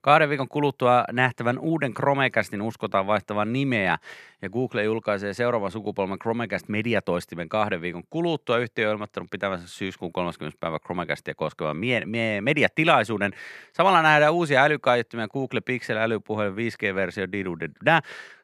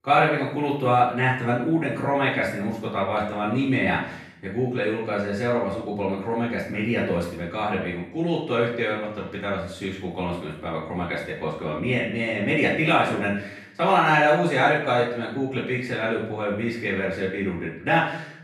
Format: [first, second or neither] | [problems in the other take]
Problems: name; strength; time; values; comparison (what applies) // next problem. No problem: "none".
first | off-mic speech; far // room echo; noticeable; dies away in 0.6 s